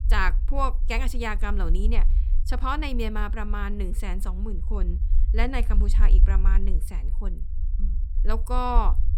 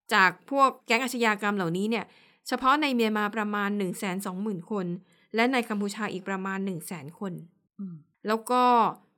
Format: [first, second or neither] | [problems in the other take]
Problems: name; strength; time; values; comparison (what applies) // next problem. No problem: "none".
second | low rumble; noticeable; throughout; 20 dB below the speech